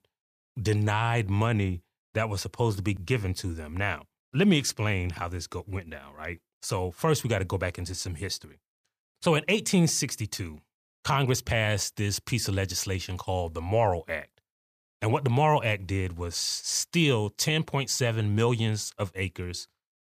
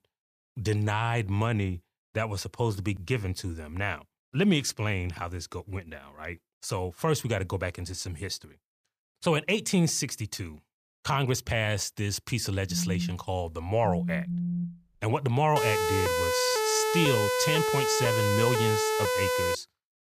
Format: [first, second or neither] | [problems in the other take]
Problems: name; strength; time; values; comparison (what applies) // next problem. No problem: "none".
first | phone ringing; noticeable; from 13 to 15 s; peak 1 dB below the speech // siren; loud; from 16 s on; peak 3 dB above the speech